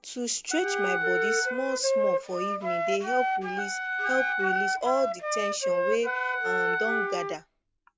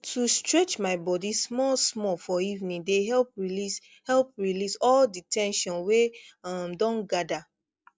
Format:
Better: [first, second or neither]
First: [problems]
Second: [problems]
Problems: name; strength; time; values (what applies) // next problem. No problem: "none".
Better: second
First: background sound (Wind instrument, woodwind instrument + Wind instrument, woodwind instrument); 3 dB above the speech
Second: none